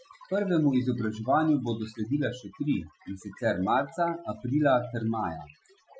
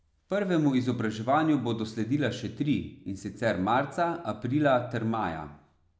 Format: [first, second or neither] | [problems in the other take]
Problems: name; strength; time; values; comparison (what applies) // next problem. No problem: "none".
second | noise reduction (classical method Wiener filter)